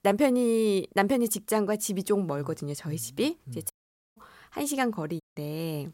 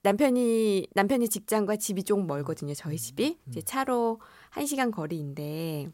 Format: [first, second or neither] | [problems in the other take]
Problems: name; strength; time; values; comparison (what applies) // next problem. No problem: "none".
second | audio cutting out; at 3.5 s and at 5 s